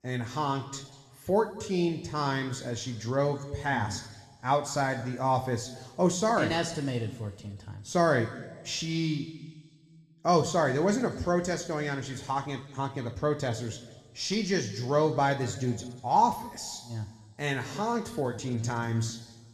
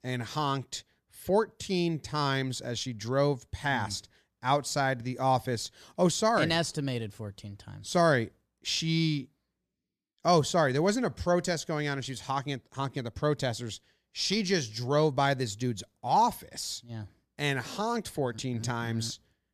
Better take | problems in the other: second | room echo; slight; dies away in 1.4 s // off-mic speech; somewhat distant

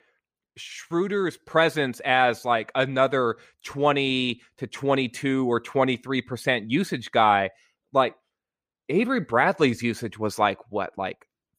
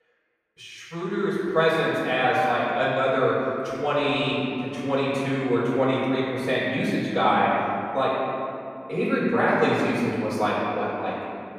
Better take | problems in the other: first | off-mic speech; far // room echo; strong; dies away in 2.4 s

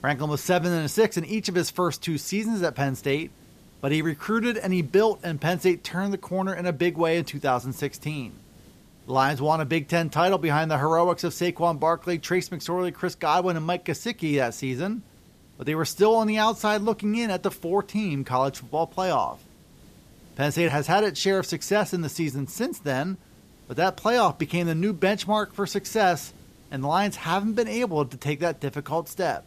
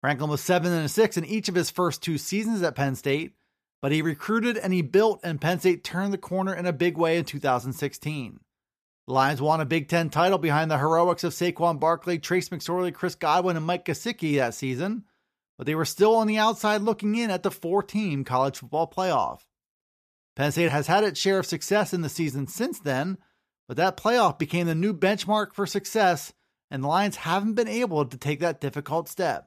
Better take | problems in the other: second | hiss; faint; throughout; 30 dB below the speech

